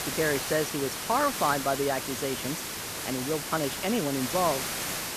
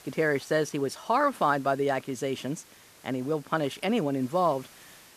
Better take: second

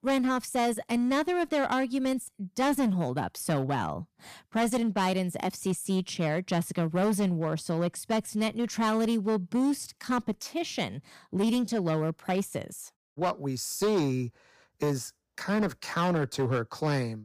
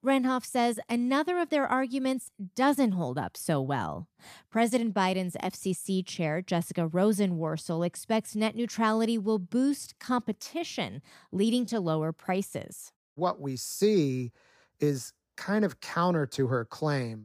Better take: second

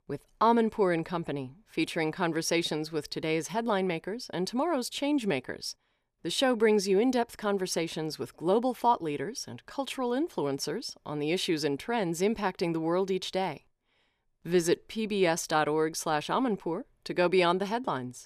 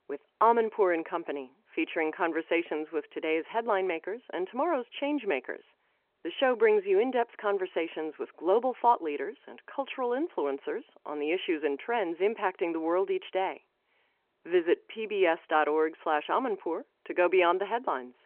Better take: first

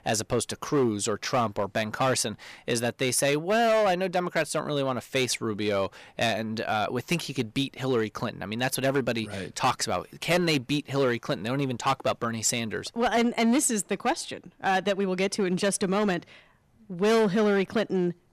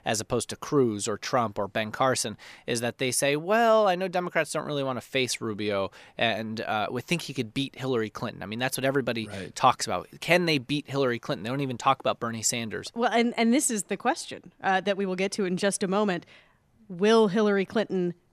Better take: second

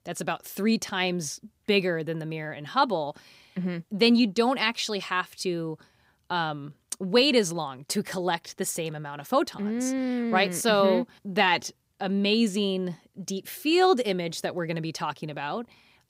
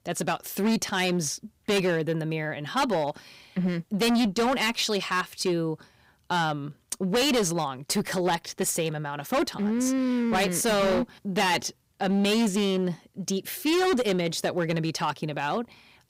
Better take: first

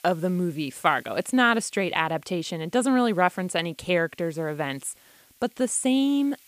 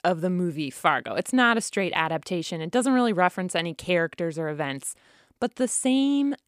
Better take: second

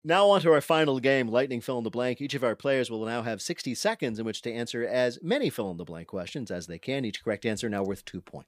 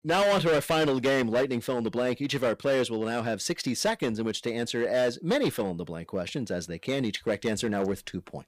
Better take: first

